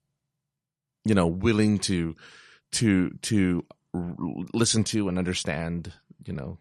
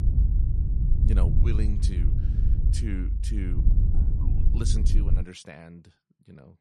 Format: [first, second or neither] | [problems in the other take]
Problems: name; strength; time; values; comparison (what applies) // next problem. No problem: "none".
first | low rumble; loud; until 5 s; 1 dB below the speech